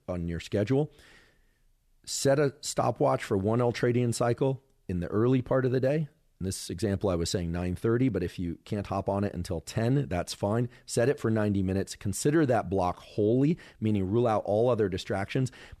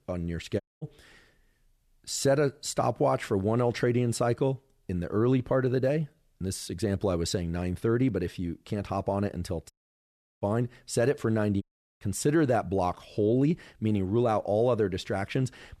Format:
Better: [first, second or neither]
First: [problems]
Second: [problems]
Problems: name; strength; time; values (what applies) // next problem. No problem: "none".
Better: first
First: none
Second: audio cutting out; at 0.5 s, at 9.5 s for 0.5 s and at 12 s